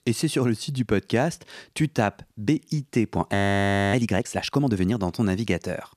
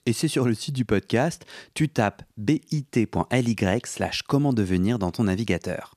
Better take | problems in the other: second | audio freezing; at 3.5 s for 0.5 s

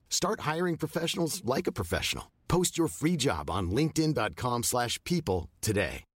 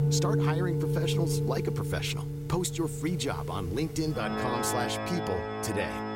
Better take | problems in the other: first | background music; very loud; throughout; 1 dB above the speech

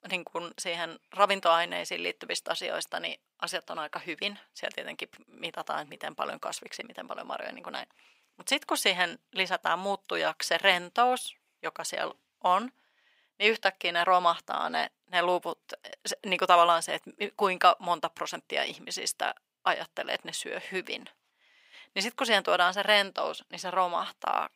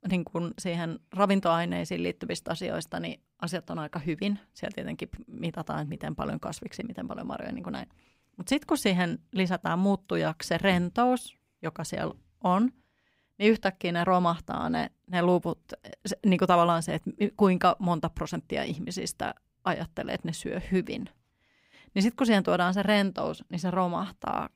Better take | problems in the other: second | thin; very; fading below 650 Hz

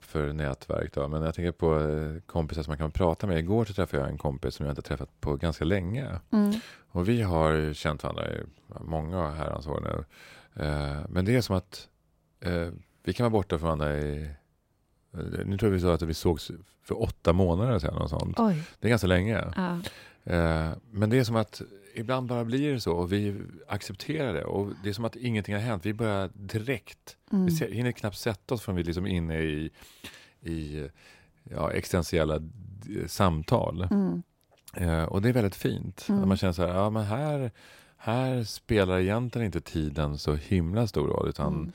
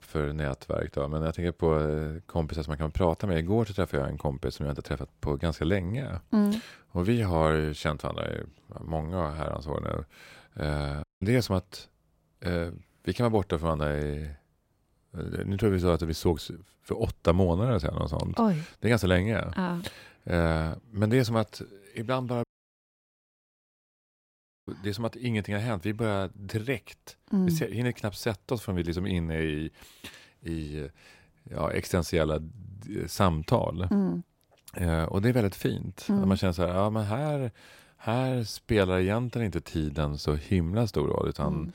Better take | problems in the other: first | audio cutting out; at 11 s and at 22 s for 2 s

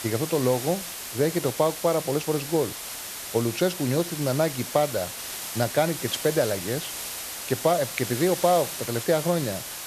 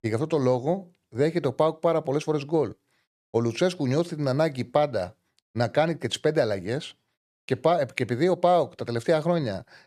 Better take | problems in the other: second | hiss; loud; throughout; 7 dB below the speech

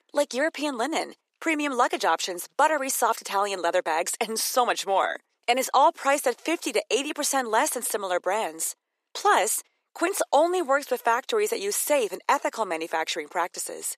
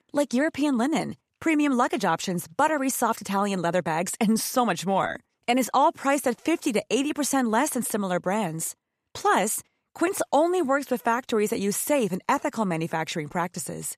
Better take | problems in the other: second | thin; somewhat; fading below 350 Hz

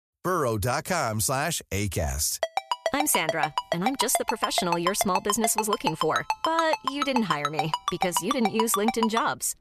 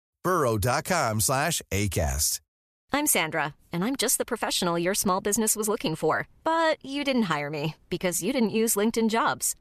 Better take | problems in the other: second | phone ringing; noticeable; from 2.5 s on; peak 2 dB below the speech

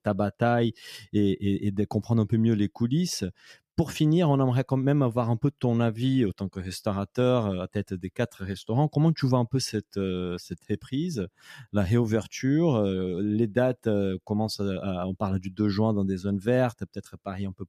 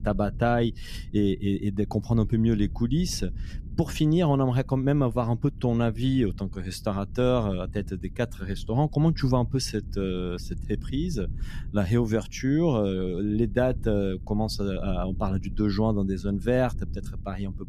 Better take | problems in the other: first | low rumble; faint; throughout; 25 dB below the speech

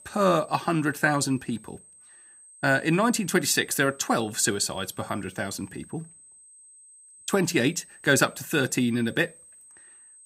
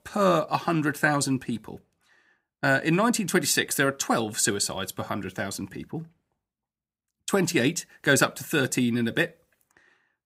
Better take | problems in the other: second | high-pitched whine; faint; throughout; 8.5 kHz, 25 dB below the speech

